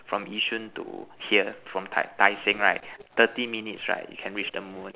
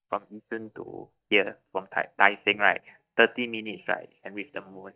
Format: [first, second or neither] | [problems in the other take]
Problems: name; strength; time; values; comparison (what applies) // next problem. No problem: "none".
first | noise reduction (neural mask model DeepFilterNet 3)